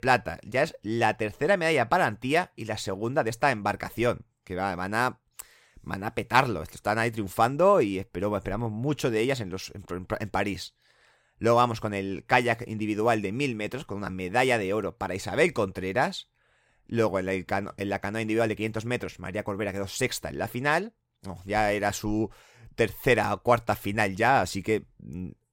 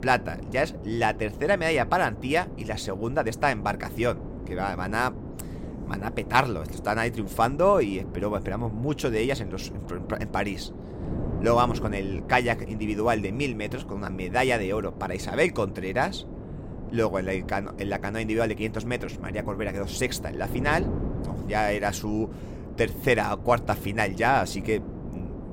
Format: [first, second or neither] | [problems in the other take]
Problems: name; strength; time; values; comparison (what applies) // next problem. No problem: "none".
first | wind noise on the microphone; occasional gusts; 15 dB below the speech